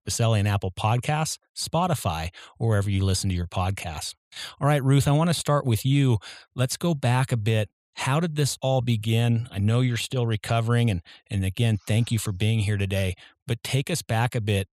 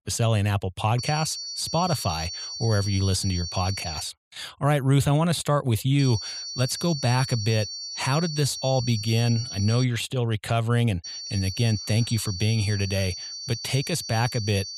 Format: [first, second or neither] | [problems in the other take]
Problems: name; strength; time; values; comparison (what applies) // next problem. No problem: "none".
first | high-pitched whine; loud; from 1 to 4 s, from 6 to 10 s and from 11 s on; 4.5 kHz, 7 dB below the speech